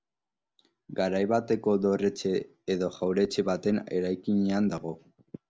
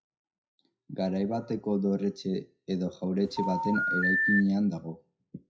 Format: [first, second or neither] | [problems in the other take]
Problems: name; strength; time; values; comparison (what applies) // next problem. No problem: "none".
first | noise reduction (classical method WPE with log-MMSE)